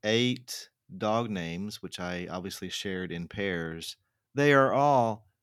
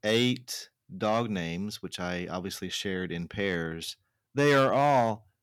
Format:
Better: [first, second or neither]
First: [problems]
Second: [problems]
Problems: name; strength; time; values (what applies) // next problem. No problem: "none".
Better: first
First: none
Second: distortion; slight; 2% of the sound clipped